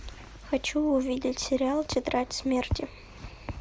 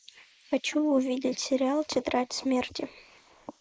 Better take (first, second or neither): first